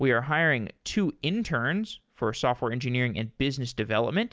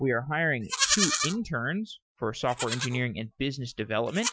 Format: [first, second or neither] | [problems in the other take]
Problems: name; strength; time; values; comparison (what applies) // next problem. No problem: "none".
first | noise reduction (classical method Wiener filter)